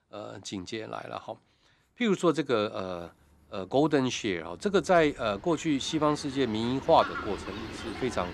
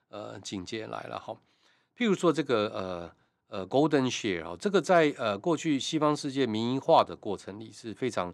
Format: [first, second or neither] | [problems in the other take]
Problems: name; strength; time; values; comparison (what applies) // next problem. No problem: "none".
second | animal sounds; noticeable; throughout; 15 dB below the speech